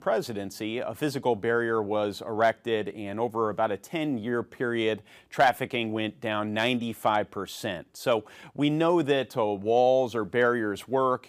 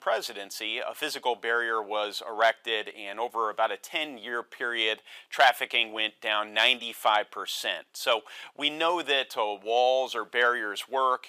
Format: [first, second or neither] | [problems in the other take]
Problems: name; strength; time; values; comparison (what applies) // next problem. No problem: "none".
first | thin; very; fading below 750 Hz